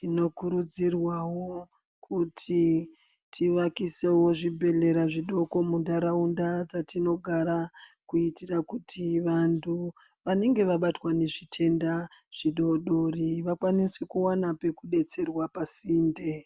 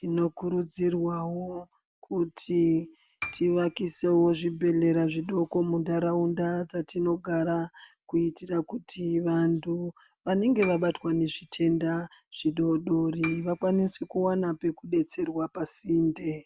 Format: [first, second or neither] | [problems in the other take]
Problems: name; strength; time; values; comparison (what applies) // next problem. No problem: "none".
first | background sound (Piano); 16 dB below the speech